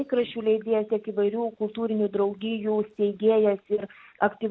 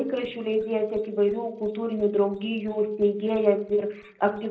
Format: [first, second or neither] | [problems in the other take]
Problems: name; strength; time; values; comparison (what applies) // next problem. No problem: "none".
first | noise reduction (neural separator model SepFormer DNS4)